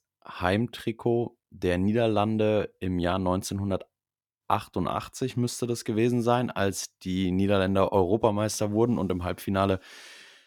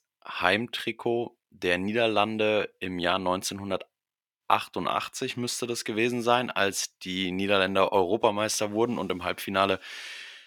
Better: first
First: none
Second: thin; very slightly; fading below 400 Hz

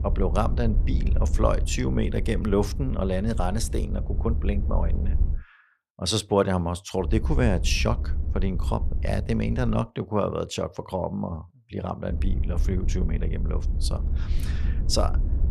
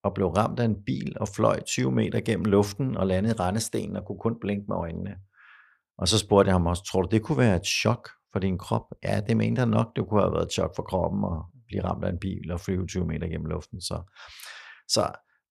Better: second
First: low rumble; noticeable; until 5.5 s, from 7 to 10 s and from 12 s on; 15 dB below the speech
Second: none

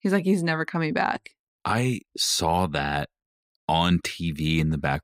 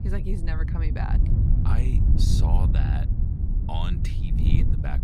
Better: first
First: none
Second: wind noise on the microphone; heavy; 1 dB below the speech

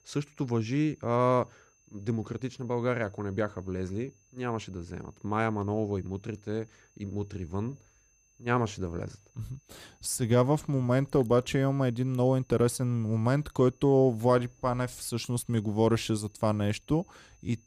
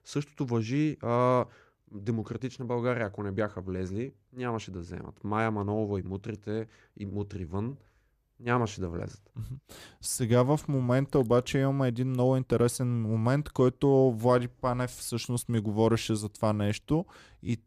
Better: second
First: high-pitched whine; faint; throughout; 6 kHz, 35 dB below the speech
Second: none

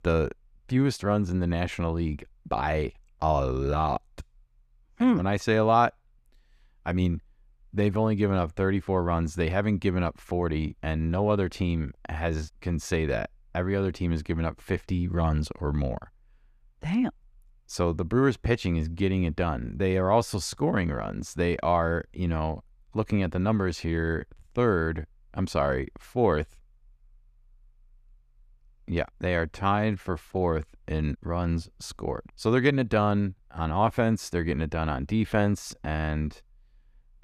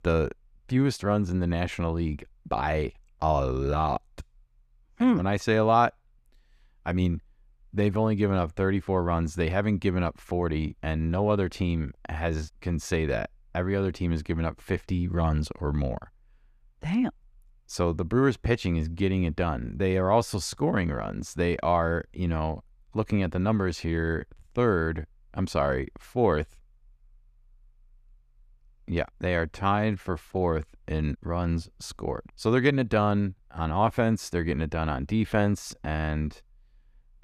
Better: neither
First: none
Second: none

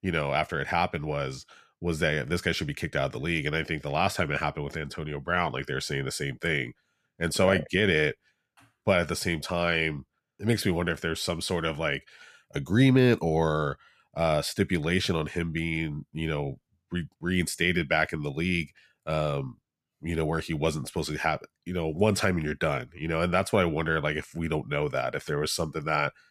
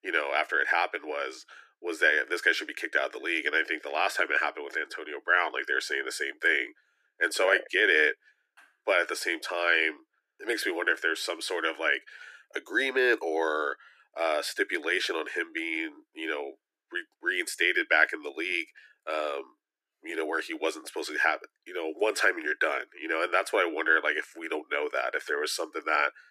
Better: first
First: none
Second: thin; very; fading below 300 Hz

